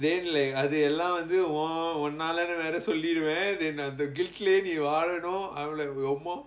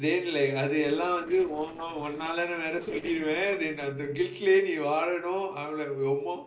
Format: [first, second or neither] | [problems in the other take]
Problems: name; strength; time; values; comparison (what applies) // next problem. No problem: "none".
first | noise reduction (neural separator model SepFormer DNS4)